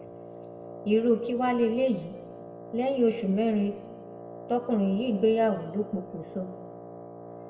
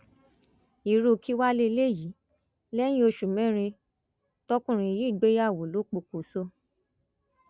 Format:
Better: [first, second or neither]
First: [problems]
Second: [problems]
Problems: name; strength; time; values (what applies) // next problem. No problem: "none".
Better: second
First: background sound (Wind instrument, woodwind instrument); 15 dB below the speech // room echo; dies away in 1.1 s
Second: none